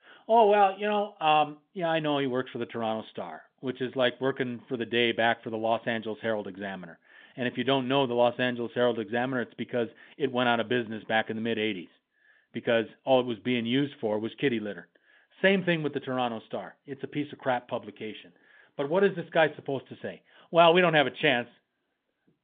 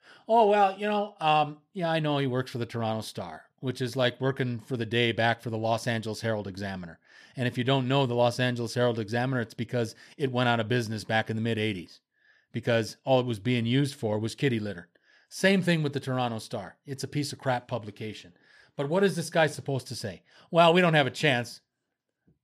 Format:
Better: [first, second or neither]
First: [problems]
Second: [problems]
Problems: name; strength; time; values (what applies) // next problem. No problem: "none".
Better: second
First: phone-call audio; nothing above 3.5 kHz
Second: none